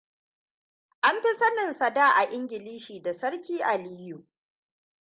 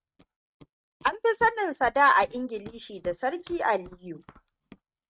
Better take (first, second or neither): first